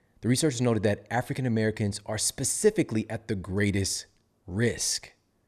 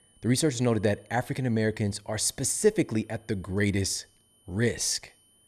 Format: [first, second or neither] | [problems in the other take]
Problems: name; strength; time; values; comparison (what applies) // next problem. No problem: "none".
first | high-pitched whine; faint; throughout; 9.5 kHz, 35 dB below the speech